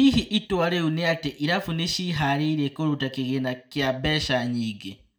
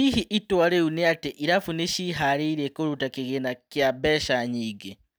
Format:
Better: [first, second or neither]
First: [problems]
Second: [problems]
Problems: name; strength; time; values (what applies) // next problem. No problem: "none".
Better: second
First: room echo; dies away in 0.3 s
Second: none